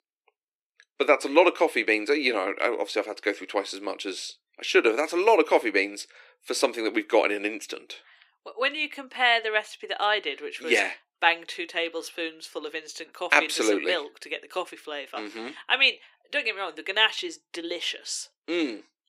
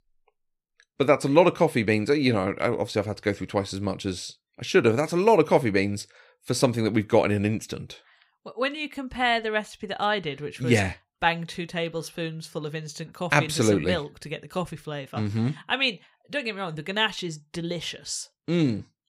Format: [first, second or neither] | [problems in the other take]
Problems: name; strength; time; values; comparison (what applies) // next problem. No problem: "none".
second | thin; somewhat; fading below 300 Hz